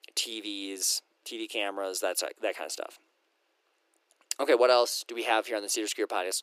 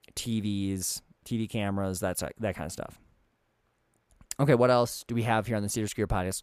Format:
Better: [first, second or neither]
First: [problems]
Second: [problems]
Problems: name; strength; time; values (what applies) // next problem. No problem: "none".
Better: second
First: thin; very; fading below 300 Hz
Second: none